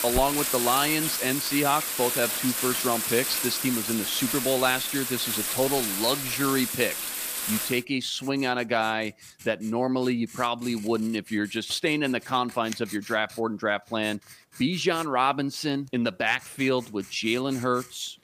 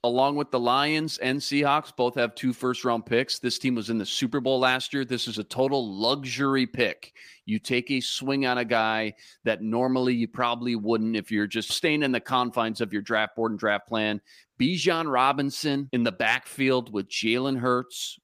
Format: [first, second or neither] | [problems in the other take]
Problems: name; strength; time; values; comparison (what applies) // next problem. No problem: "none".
second | household noises; loud; throughout; 1 dB below the speech